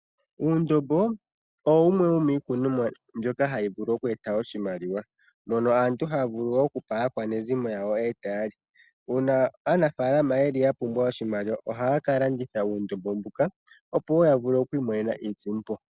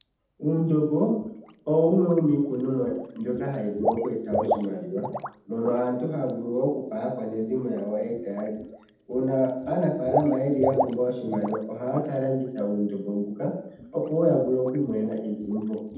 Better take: first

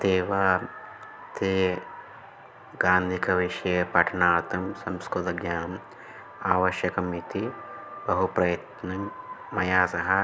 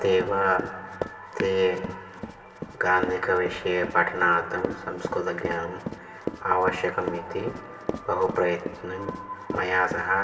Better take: first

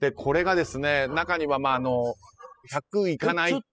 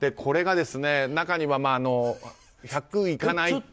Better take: second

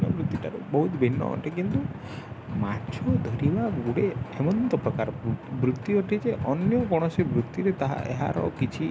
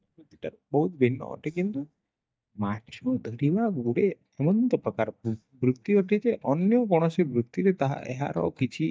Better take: first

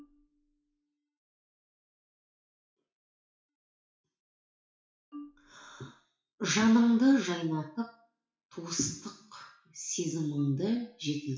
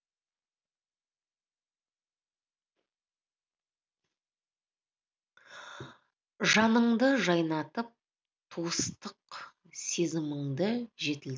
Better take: second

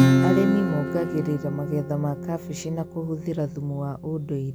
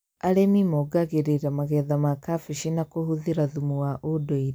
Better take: second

